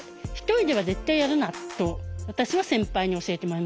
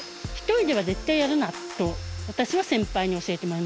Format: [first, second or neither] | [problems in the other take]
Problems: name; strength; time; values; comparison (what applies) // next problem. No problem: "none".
first | background sound (Domestic sounds, home sounds); 19 dB below the speech